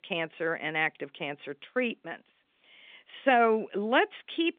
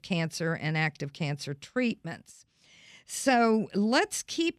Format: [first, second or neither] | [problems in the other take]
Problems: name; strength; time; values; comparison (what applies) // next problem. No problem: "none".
second | phone-call audio; nothing above 3.5 kHz